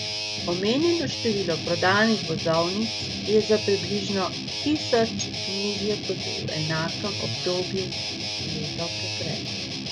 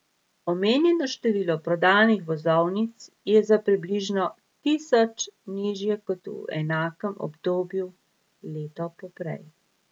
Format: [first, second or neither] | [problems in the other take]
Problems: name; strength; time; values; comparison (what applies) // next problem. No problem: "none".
second | background sound (Guitar); 3 dB below the speech